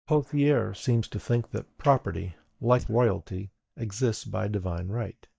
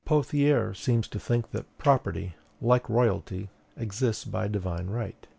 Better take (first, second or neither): second